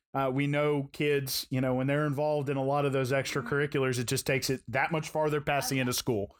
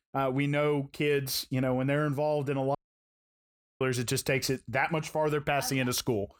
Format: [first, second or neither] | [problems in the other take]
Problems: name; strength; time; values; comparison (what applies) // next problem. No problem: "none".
first | audio cutting out; at 3 s for 1 s